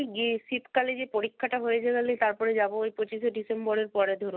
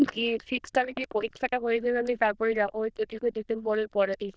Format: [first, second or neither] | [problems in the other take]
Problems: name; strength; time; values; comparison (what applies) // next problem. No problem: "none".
first | noise reduction (neural diffusion model UNIVERSE++)